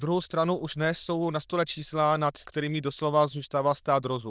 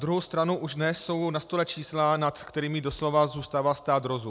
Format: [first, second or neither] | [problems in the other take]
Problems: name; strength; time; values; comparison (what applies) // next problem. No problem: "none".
second | noise reduction (neural diffusion model UNIVERSE++)